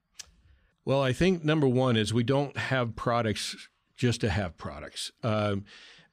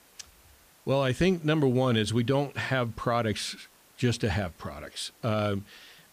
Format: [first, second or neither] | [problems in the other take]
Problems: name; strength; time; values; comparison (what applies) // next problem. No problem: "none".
first | hiss; faint; throughout; 30 dB below the speech